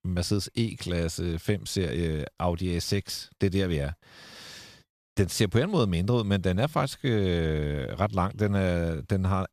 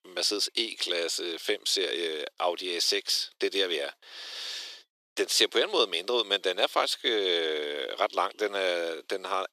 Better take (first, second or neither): first